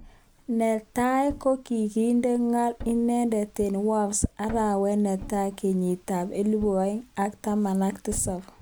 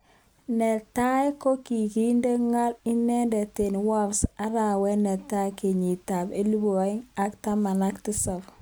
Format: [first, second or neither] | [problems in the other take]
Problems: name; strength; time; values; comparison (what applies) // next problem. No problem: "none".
second | background sound (Thump, thud); 20 dB below the speech